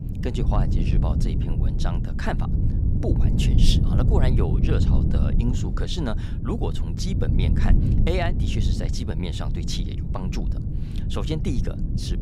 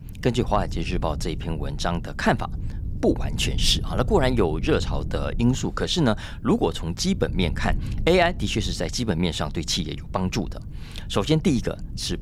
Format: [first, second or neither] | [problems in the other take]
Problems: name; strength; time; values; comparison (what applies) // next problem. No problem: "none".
second | low rumble; loud; throughout; 3 dB below the speech; faint in the second